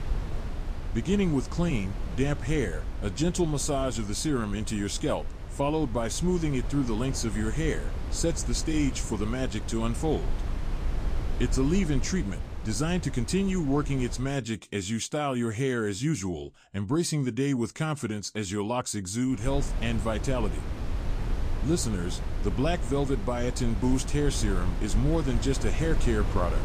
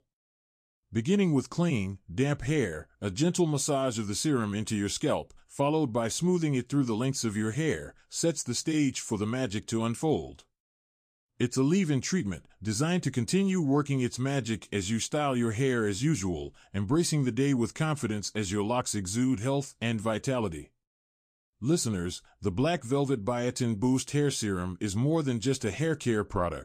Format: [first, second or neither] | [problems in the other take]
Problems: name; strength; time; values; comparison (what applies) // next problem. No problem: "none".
second | wind noise on the microphone; occasional gusts; until 14 s and from 19 s on; 10 dB below the speech